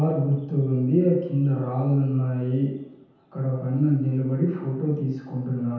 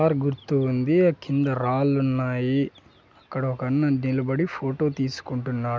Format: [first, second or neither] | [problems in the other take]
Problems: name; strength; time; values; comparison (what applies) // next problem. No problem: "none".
second | room echo; dies away in 0.9 s